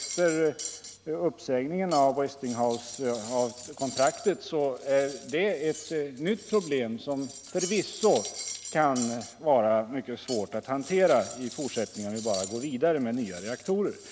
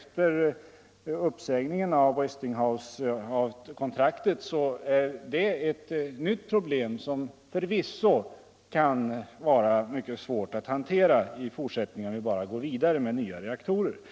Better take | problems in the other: second | background sound (Cutlery, silverware); 14 dB below the speech

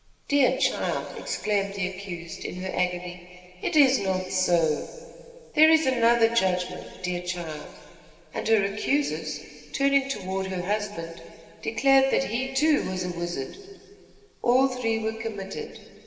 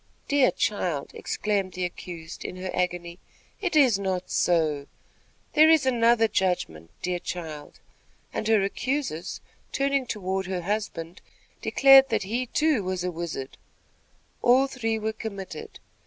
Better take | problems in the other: second | room echo; dies away in 2.3 s

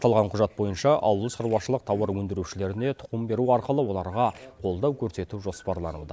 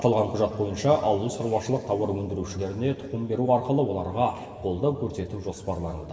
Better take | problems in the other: first | room echo; dies away in 2.8 s

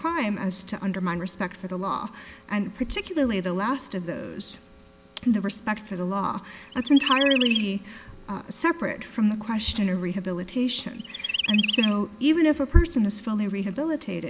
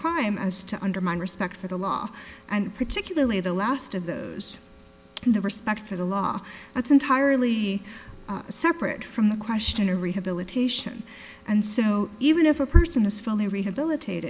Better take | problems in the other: second | background sound (Chirp, tweet); 3 dB below the speech

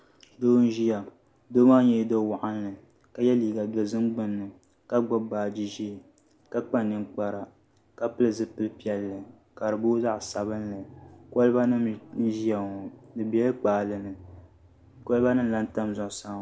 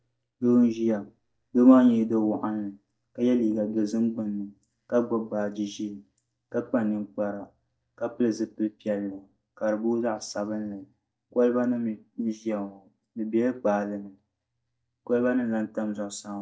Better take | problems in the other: first | noise reduction (neural mask model DeepFilterNet 3)

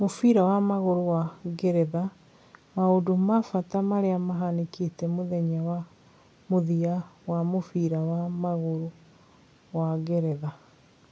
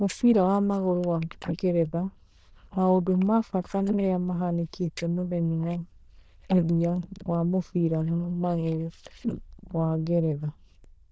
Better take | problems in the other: first | noise reduction (neural diffusion model UNIVERSE++)

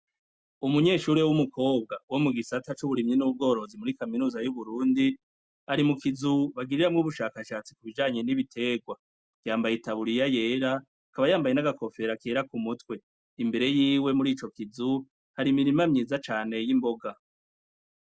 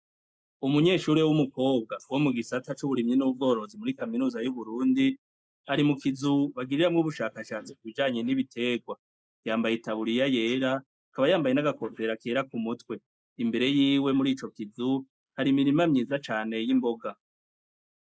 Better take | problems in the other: first | noise reduction (neural mask model Resemble Enhance denoiser)

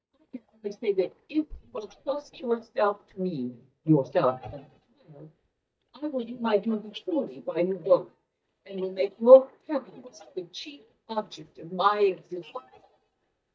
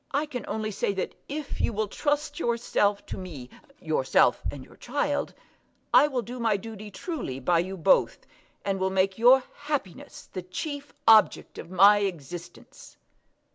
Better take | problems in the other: second | noise reduction (neural mask model DeepFilterNet 3)

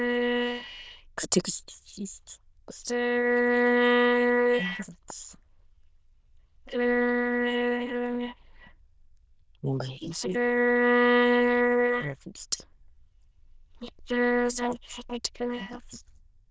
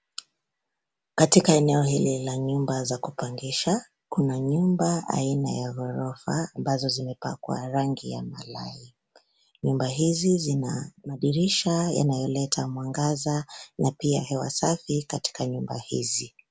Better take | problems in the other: second | noise reduction (neural diffusion model UNIVERSE++)

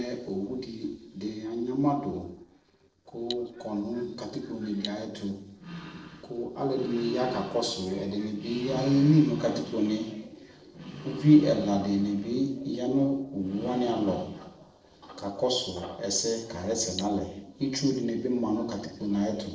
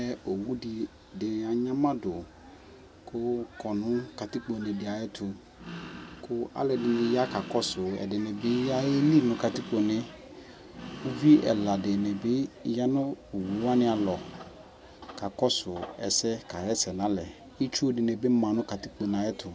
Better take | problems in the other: second | noise reduction (neural separator model SepFormer DNS4)

